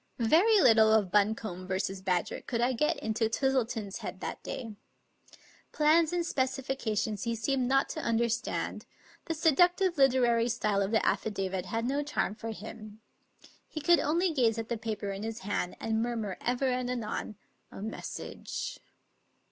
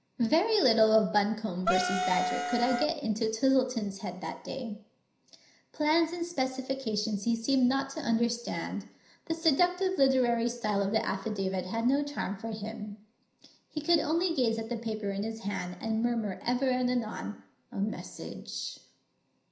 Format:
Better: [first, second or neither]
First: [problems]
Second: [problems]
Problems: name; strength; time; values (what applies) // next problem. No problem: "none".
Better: first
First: none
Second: background sound (Wind instrument, woodwind instrument); as loud as the speech // room echo; dies away in 0.5 s